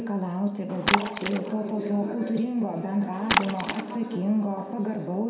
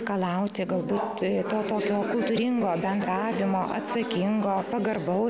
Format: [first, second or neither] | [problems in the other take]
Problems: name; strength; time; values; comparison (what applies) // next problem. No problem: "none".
second | background sound (Splash, splatter); 1 dB below the speech // room echo; dies away in 0.5 s